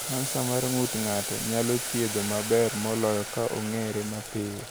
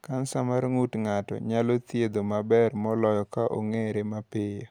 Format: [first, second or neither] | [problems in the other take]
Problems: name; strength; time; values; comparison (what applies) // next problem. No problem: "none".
second | background sound (Boiling); 6 dB below the speech